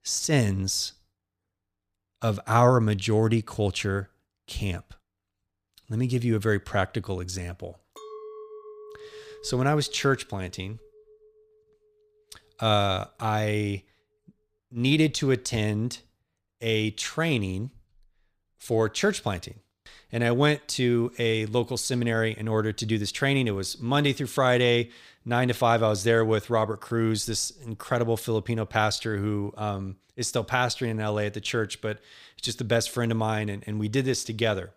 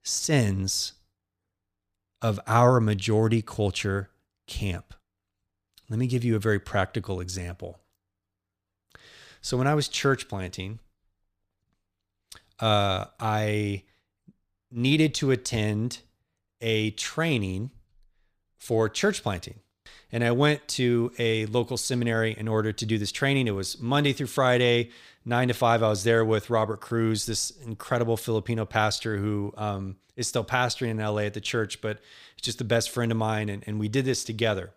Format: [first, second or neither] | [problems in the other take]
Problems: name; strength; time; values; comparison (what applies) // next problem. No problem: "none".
second | clattering dishes; faint; from 8 to 11 s; peak 15 dB below the speech